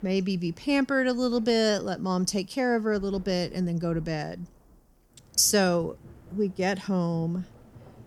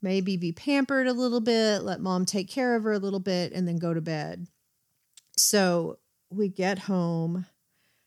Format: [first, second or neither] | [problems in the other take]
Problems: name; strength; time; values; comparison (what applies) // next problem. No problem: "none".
second | rain or running water; faint; throughout; 25 dB below the speech